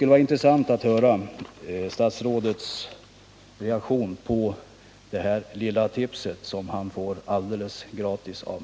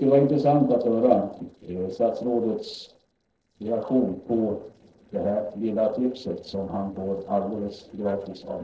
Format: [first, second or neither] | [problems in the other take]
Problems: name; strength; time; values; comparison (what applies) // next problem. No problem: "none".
first | noise reduction (neural separator model SepFormer DNS4)